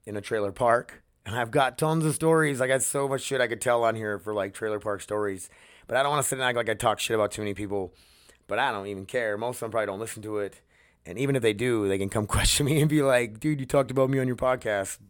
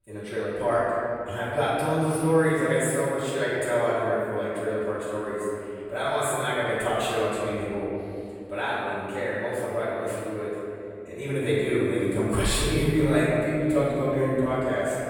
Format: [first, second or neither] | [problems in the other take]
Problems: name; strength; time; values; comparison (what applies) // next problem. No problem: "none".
first | room echo; strong; dies away in 2.4 s // off-mic speech; far